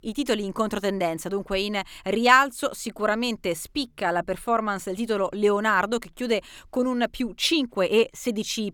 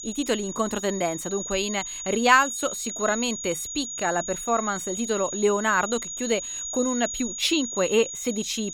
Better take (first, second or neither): first